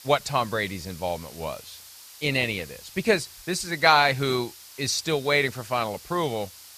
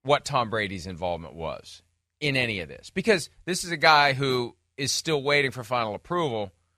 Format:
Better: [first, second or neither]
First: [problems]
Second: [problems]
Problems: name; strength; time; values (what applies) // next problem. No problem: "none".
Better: second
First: hiss; noticeable; throughout; 20 dB below the speech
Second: none